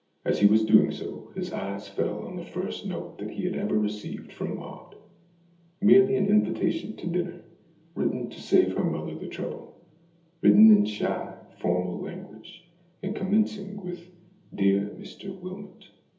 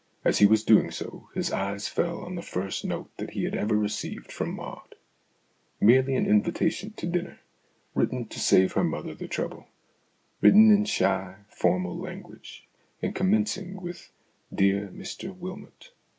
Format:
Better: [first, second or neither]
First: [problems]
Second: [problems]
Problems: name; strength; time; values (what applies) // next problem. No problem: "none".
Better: second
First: room echo; dies away in 1.2 s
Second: none